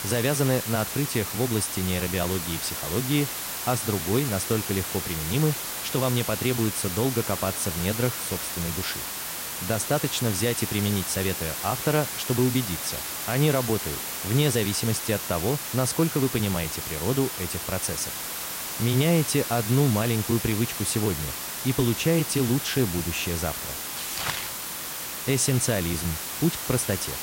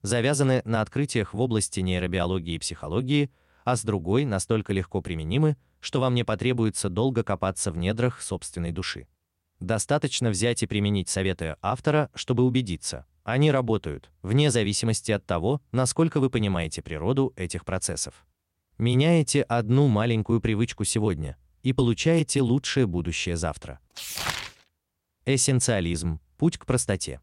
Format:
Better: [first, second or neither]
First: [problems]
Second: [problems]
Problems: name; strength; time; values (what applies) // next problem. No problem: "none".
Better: second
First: hiss; loud; throughout; 3 dB below the speech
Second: none